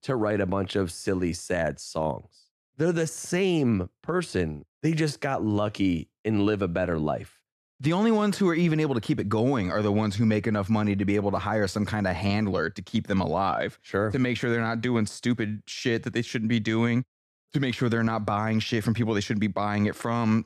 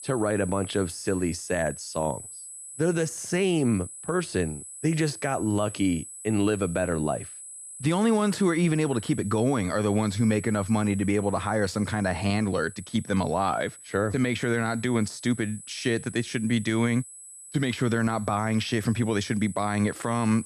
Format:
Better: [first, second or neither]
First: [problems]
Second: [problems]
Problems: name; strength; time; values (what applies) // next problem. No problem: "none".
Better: first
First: none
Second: high-pitched whine; noticeable; throughout; 8 kHz, 15 dB below the speech